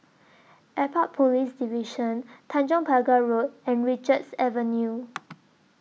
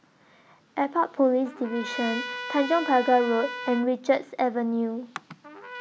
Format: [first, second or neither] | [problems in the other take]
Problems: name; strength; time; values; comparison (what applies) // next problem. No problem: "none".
first | background sound (Trumpet); 12 dB below the speech